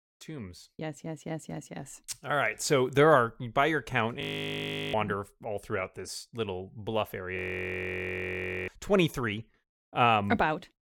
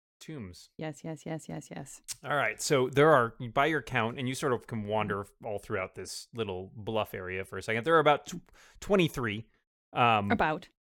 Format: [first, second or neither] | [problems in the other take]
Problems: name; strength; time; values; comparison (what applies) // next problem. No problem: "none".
second | audio freezing; at 4 s for 0.5 s and at 7.5 s for 1.5 s